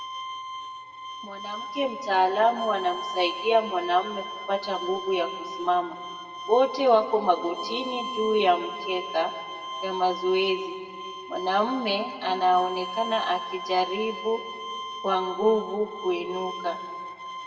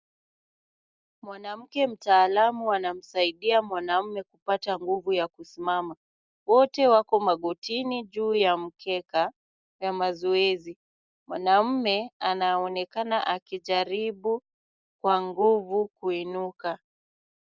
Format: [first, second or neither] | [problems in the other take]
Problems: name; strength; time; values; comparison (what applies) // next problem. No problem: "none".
second | background sound (Bowed string instrument); 9 dB below the speech // room echo; dies away in 1.8 s